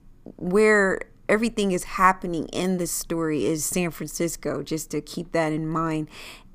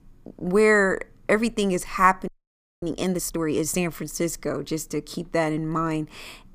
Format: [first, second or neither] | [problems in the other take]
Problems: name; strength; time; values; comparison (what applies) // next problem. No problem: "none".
first | audio freezing; at 2.5 s for 0.5 s